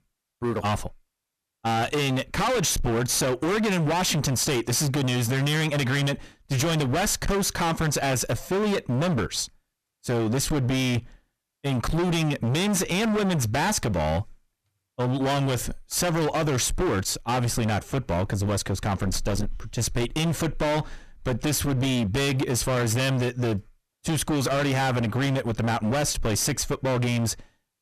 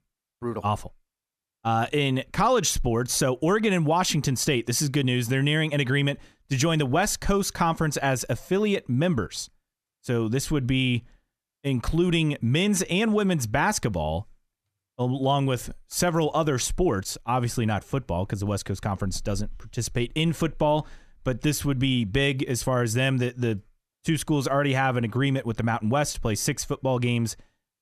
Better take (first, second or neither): second